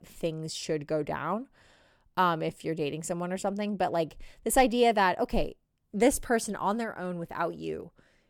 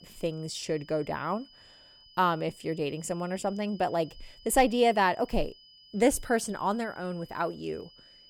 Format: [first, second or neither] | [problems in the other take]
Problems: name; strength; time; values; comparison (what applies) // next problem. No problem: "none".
first | high-pitched whine; faint; throughout; 5 kHz, 25 dB below the speech